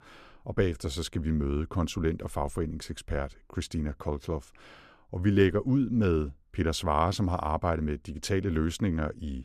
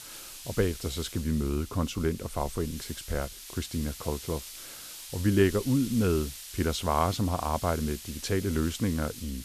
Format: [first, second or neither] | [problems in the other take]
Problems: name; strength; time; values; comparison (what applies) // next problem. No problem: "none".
first | hiss; noticeable; throughout; 10 dB below the speech